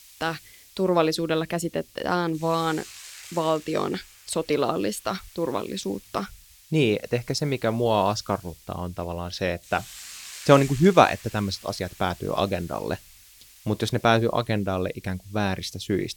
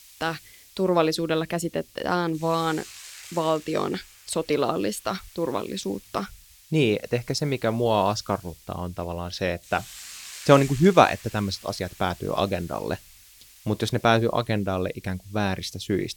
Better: neither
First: hiss; noticeable; throughout; 20 dB below the speech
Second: hiss; noticeable; throughout; 20 dB below the speech

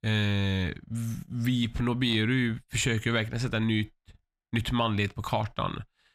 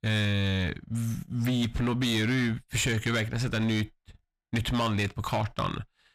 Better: first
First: none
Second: distortion; slight; 13% of the sound clipped

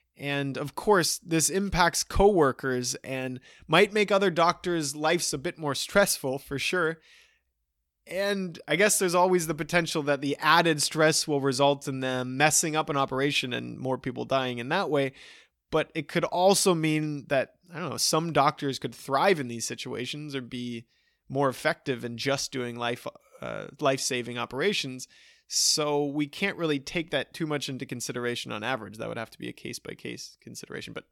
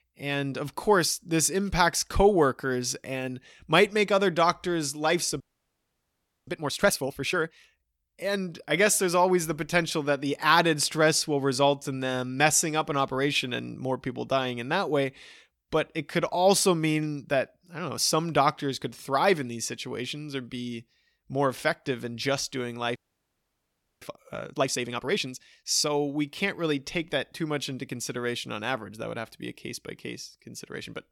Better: first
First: none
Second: audio freezing; at 5.5 s for 1 s and at 23 s for 1 s

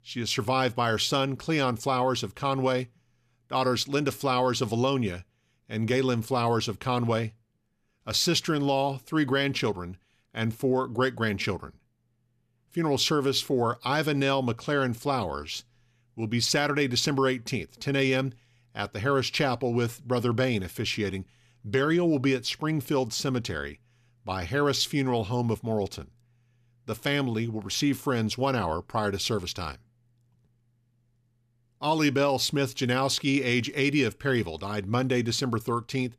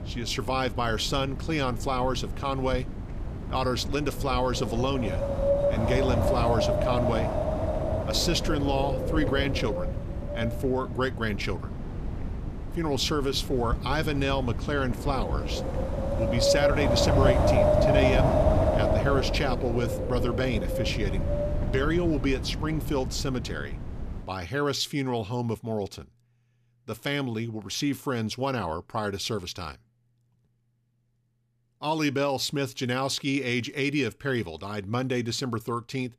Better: first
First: none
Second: wind noise on the microphone; heavy; until 24 s; 2 dB above the speech

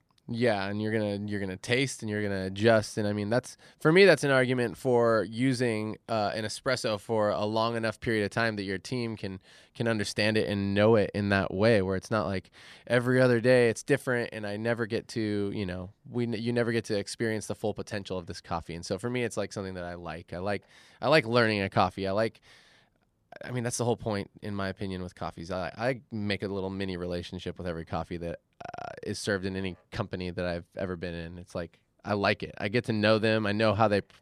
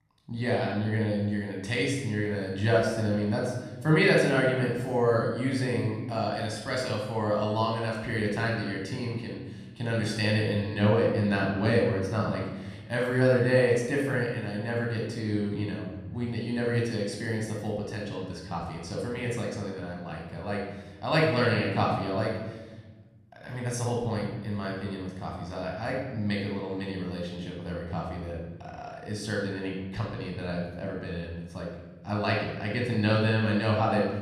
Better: first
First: none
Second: off-mic speech; somewhat distant // room echo; noticeable; dies away in 1.3 s

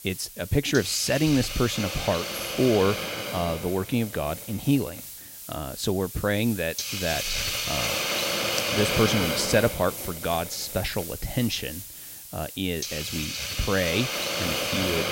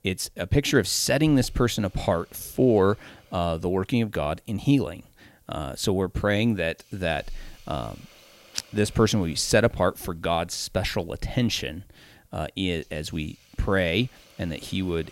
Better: second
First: hiss; loud; throughout; 2 dB below the speech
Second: hiss; faint; throughout; 30 dB below the speech

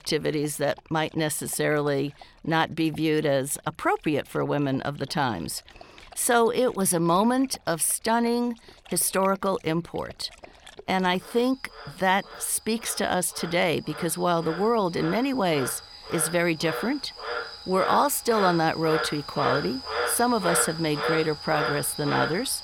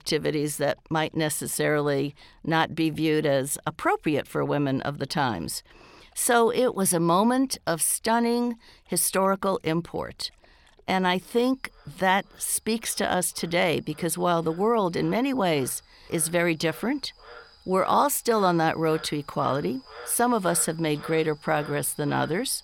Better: second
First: animal sounds; loud; throughout; 7 dB below the speech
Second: animal sounds; faint; throughout; 20 dB below the speech

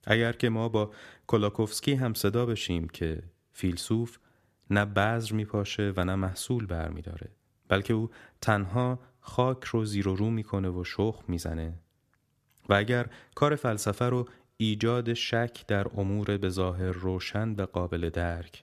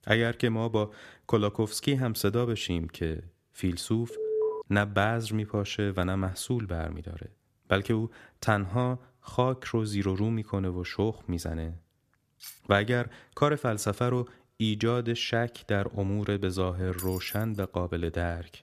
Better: first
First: none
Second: alarm; loud; at 4 s; peak level with the speech // clattering dishes; faint; at 12 s; peak 15 dB below the speech // jangling keys; noticeable; at 17 s; peak 10 dB below the speech

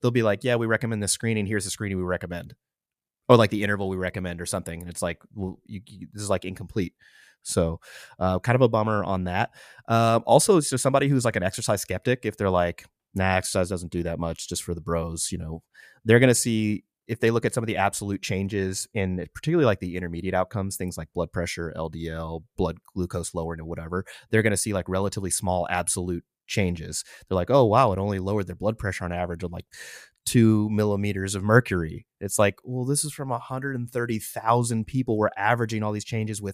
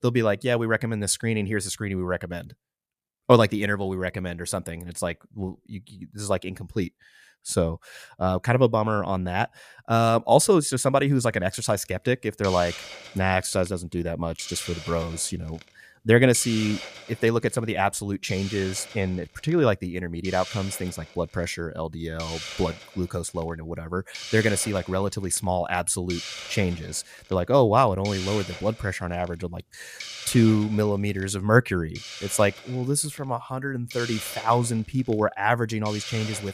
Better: first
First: none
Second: hiss; noticeable; from 11 s on; 10 dB below the speech

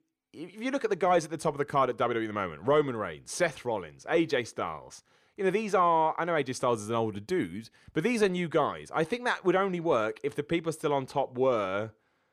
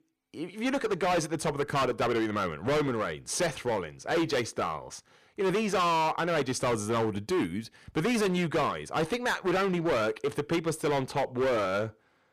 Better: first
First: none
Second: distortion; heavy; 19% of the sound clipped

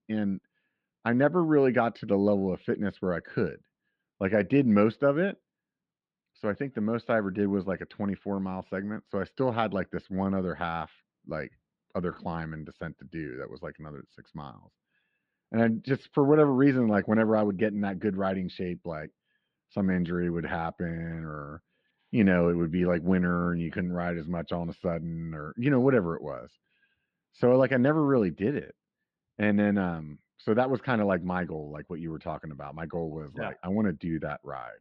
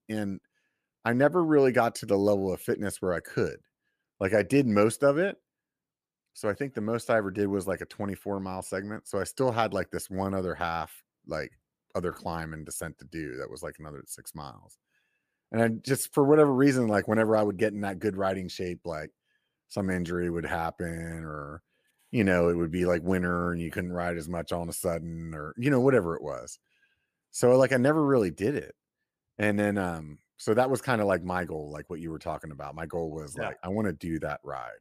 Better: second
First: muffled; slightly; fading above 4 kHz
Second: none

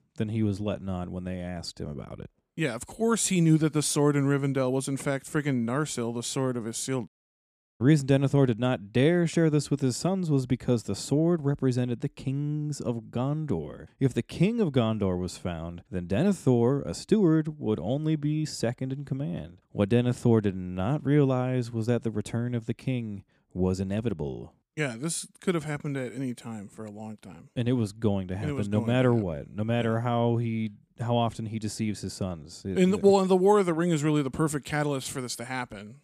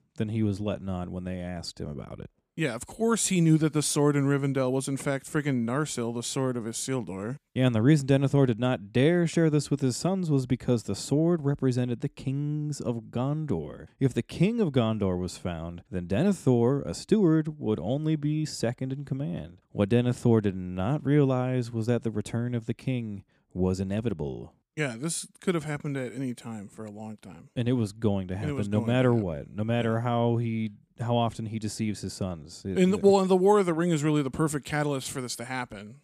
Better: second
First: audio cutting out; at 7 s for 0.5 s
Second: none

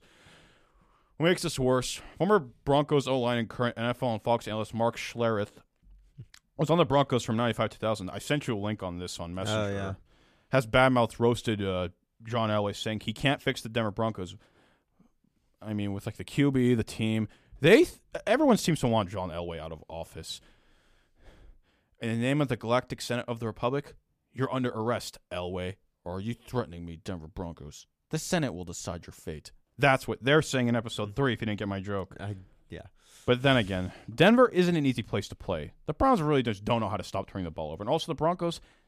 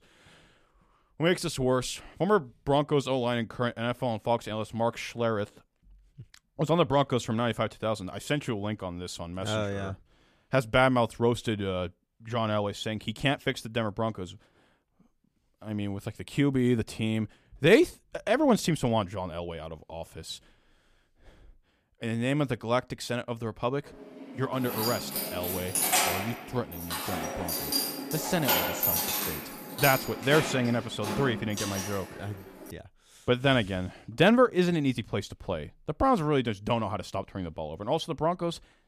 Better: first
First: none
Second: jangling keys; loud; from 24 to 32 s; peak 5 dB above the speech

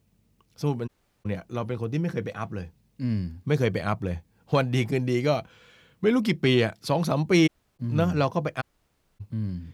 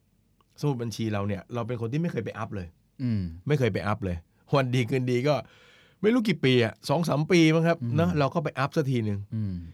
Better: second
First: audio cutting out; at 1 s, at 7.5 s and at 8.5 s for 0.5 s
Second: none

